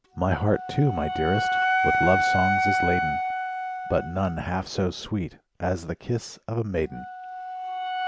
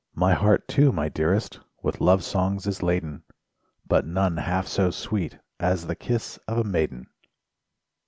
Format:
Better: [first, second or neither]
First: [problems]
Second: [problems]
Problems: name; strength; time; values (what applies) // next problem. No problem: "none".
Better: second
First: background sound (Wind instrument, woodwind instrument); as loud as the speech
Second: none